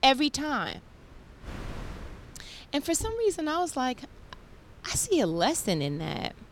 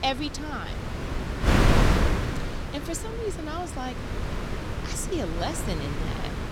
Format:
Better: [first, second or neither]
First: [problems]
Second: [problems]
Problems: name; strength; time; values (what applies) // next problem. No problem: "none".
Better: first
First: wind noise on the microphone; occasional gusts; 25 dB below the speech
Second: wind noise on the microphone; heavy; 2 dB above the speech